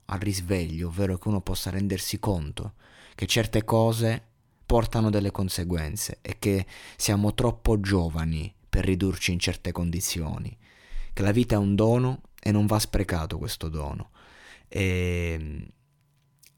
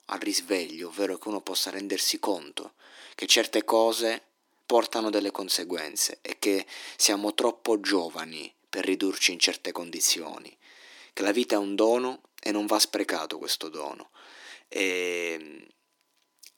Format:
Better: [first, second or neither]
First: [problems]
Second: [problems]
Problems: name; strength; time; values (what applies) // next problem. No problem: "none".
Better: first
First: none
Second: thin; somewhat; fading below 300 Hz